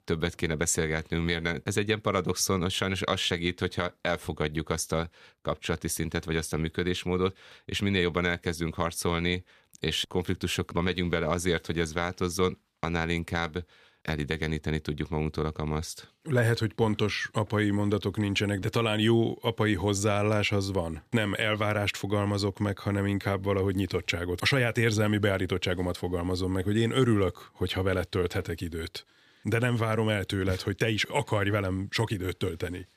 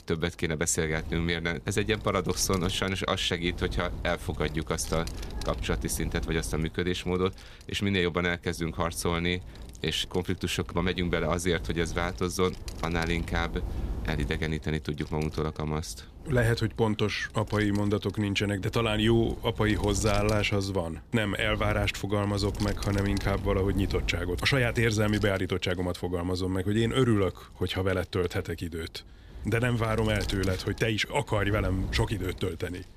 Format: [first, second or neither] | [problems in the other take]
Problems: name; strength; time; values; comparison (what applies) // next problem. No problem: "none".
first | wind noise on the microphone; occasional gusts; 15 dB below the speech